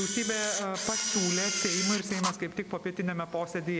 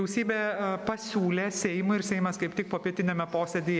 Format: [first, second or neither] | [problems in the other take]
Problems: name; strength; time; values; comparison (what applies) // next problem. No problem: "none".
second | background sound (Camera); 2 dB below the speech